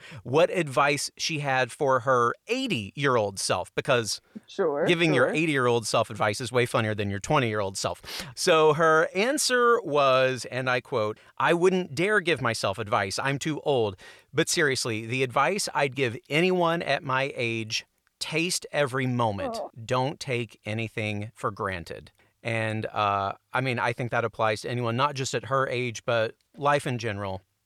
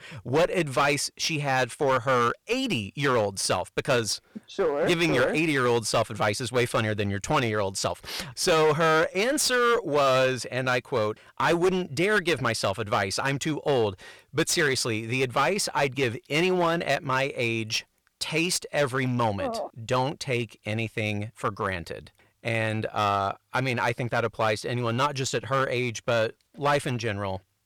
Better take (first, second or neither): first